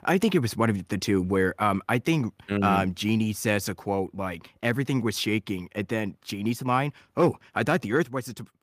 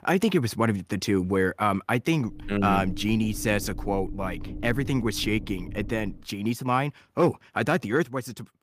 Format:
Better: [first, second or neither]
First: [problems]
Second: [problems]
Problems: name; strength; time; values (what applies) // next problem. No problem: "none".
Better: first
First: none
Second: low rumble; noticeable; from 2.5 to 6 s; 20 dB below the speech